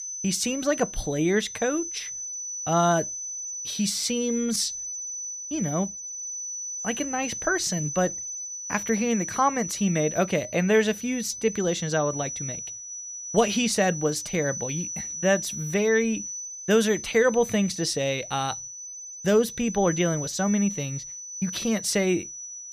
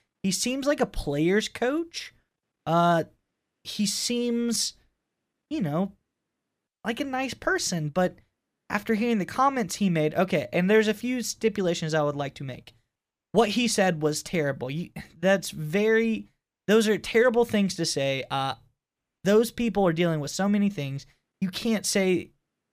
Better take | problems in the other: second | high-pitched whine; loud; throughout; 6 kHz, 7 dB below the speech

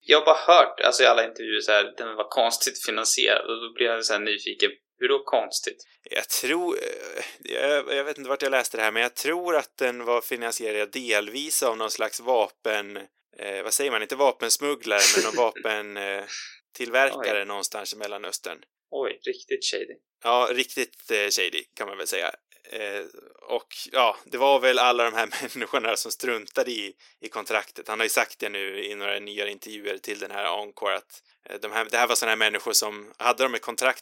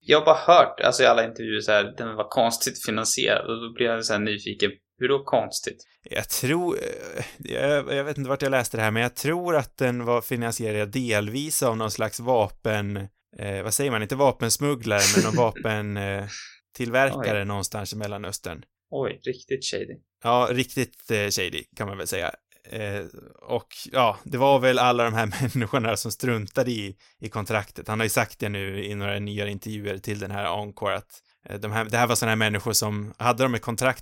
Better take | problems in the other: second | thin; somewhat; fading below 350 Hz

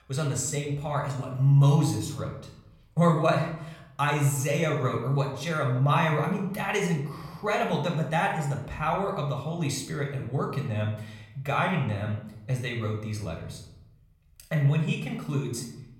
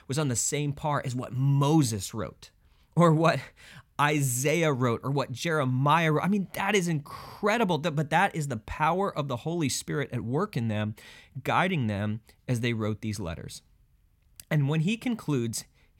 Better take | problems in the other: second | room echo; slight; dies away in 0.6 s // off-mic speech; somewhat distant

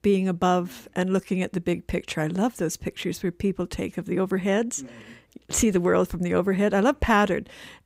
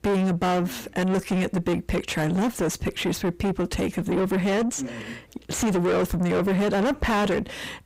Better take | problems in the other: first | distortion; heavy; 5 dB below the speech

